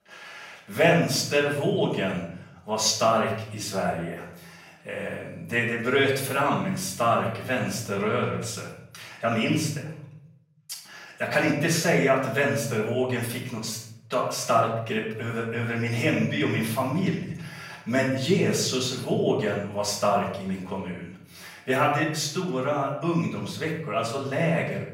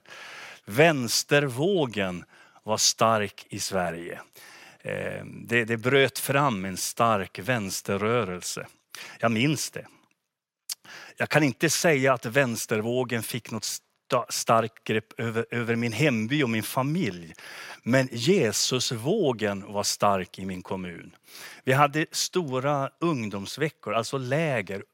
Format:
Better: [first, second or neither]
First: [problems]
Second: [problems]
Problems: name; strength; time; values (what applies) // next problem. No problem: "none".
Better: second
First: off-mic speech; far // room echo; noticeable; dies away in 0.7 s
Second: none